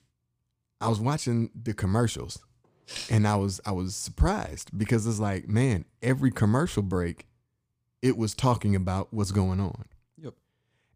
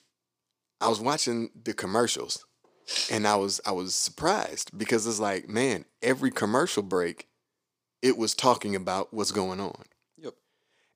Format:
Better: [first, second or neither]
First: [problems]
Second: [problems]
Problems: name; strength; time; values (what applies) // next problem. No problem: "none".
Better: first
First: none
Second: thin; somewhat; fading below 400 Hz